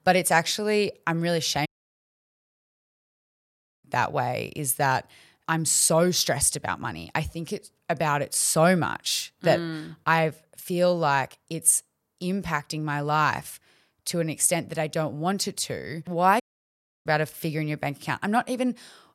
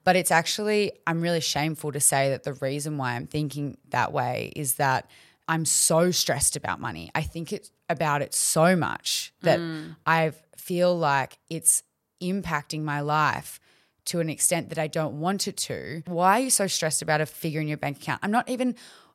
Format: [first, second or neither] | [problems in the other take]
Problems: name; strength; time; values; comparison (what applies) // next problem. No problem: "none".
second | audio cutting out; at 1.5 s for 2 s and at 16 s for 0.5 s